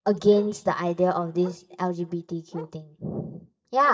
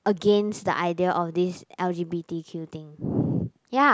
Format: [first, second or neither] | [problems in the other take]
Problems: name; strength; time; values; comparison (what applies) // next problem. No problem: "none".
second | noise reduction (neural mask model DeepFilterNet 3)